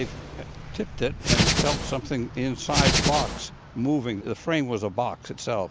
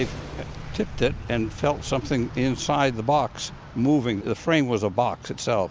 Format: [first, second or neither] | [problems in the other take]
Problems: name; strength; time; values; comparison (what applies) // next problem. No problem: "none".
second | background sound (Hands); 4 dB above the speech